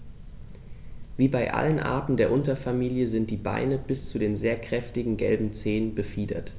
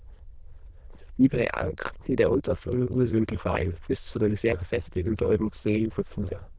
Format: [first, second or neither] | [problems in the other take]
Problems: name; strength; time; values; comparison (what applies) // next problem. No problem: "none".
first | noise reduction (neural diffusion model UNIVERSE++)